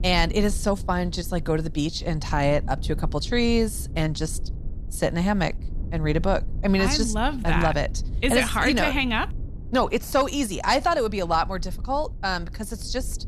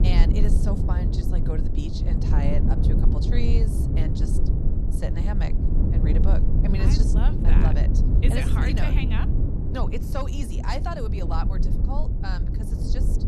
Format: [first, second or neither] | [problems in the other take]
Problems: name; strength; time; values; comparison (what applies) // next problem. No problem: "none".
first | low rumble; loud; throughout; 1 dB below the speech; faint in the first